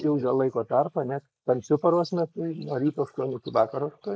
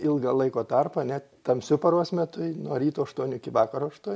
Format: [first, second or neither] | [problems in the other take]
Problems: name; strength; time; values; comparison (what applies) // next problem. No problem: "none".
second | noise reduction (neural mask model Resemble Enhance denoiser)